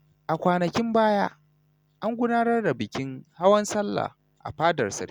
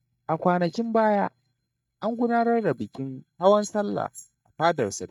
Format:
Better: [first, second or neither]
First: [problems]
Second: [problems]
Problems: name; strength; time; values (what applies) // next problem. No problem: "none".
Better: first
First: none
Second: noise reduction (neural mask model DeepFilterNet 3)